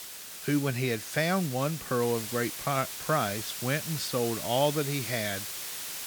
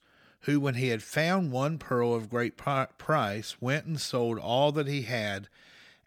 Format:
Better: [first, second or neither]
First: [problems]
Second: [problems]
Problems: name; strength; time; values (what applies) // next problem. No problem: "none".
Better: second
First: hiss; loud; throughout; 6 dB below the speech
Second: none